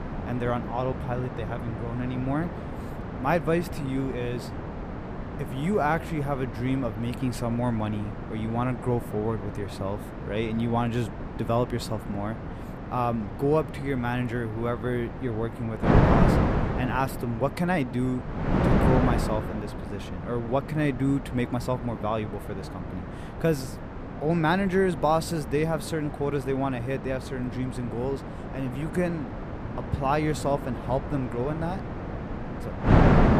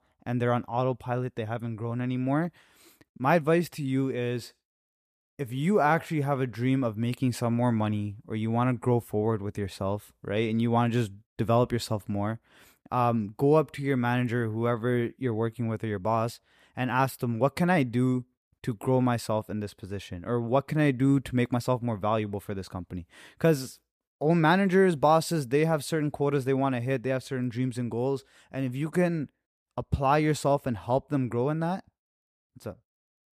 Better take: second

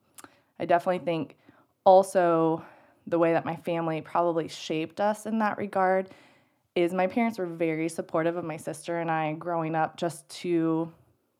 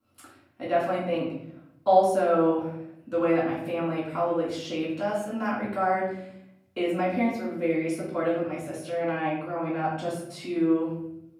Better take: first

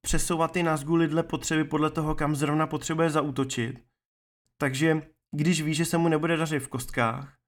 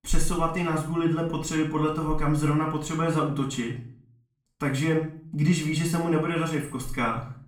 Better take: first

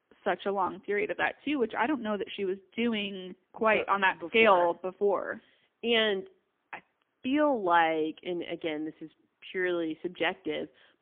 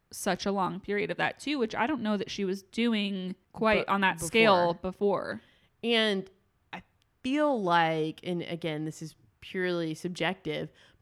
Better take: second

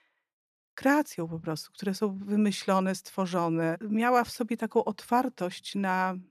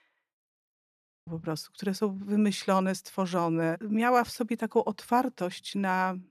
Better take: first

